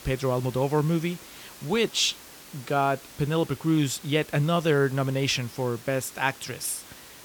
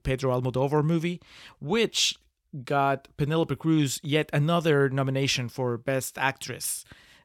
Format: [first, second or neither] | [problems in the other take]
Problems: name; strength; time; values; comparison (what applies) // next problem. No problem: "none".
second | hiss; noticeable; throughout; 20 dB below the speech